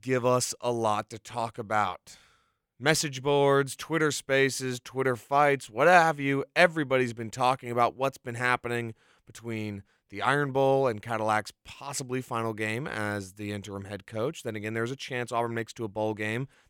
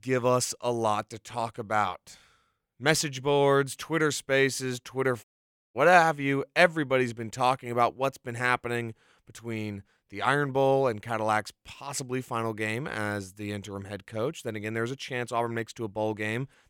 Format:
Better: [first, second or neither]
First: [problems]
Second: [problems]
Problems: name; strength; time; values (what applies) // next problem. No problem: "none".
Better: first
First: none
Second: audio cutting out; at 5 s for 0.5 s